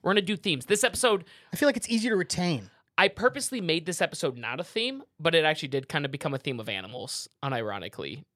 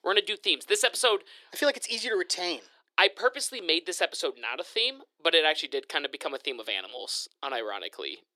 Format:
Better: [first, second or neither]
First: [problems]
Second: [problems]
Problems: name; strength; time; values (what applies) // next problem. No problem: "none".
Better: first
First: none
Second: thin; very; fading below 350 Hz